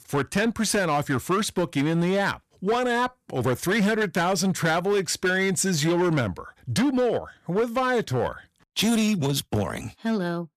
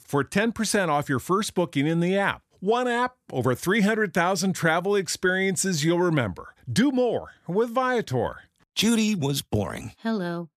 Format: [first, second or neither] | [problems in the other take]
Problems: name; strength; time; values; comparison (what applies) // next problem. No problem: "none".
second | distortion; slight; 12% of the sound clipped